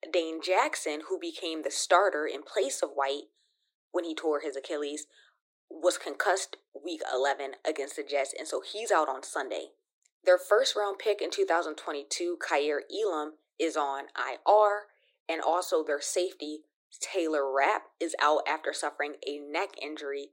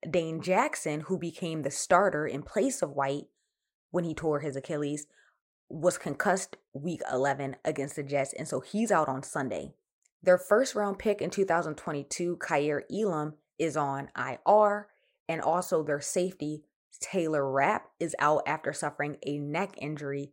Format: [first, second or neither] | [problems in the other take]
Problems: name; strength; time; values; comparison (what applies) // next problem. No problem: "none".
second | thin; very; fading below 300 Hz